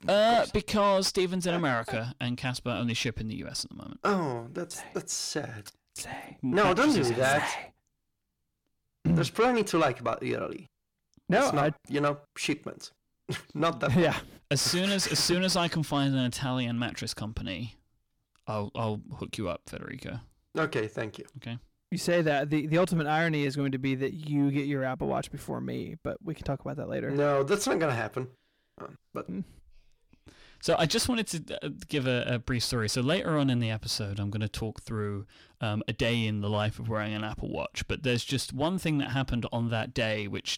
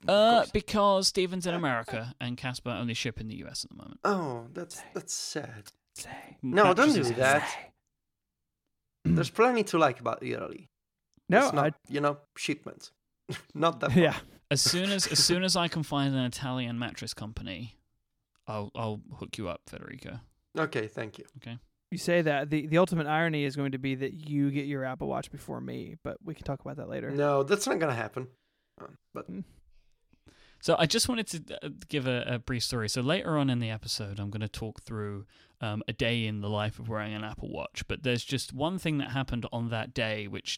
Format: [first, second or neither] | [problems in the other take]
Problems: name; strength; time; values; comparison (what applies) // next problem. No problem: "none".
second | distortion; slight; 10 dB below the speech